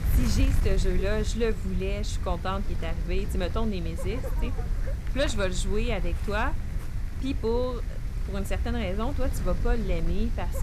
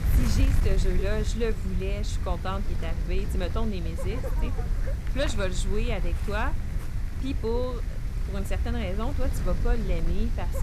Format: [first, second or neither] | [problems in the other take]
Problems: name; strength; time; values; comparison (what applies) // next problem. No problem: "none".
first | wind noise on the microphone; heavy; 8 dB below the speech; occasional gusts in the first